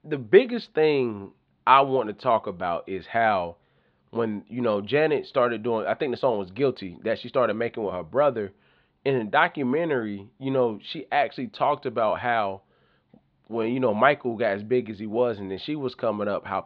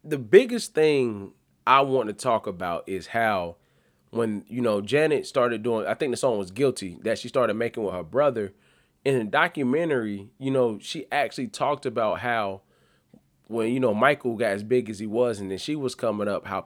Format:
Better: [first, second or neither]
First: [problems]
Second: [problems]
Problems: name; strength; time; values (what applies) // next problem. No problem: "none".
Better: second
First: muffled; slightly; fading above 4 kHz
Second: none